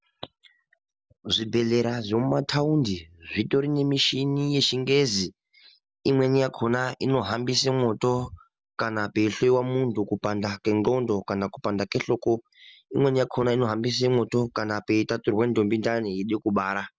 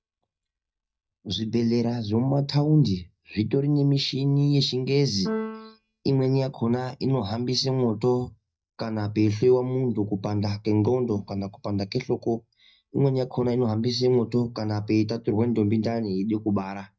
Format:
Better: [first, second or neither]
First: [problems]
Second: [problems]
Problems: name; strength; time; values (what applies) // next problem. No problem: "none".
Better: first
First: none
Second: noise reduction (neural mask model DeepFilterNet 3)